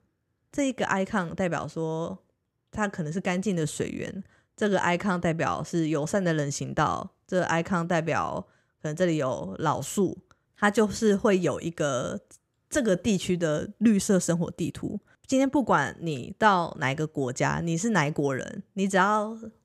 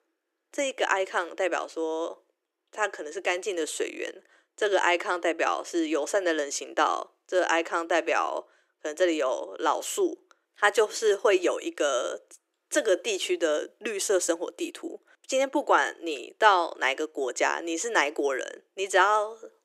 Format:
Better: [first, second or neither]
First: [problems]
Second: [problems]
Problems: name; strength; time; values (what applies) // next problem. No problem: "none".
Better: first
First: none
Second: thin; very; fading below 350 Hz